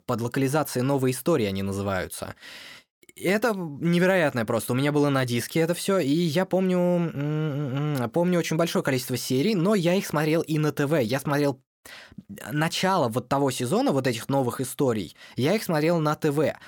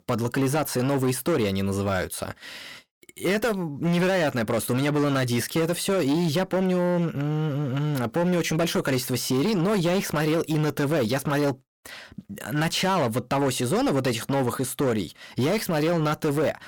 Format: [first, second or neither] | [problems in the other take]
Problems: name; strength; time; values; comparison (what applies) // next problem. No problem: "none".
first | distortion; slight; 17% of the sound clipped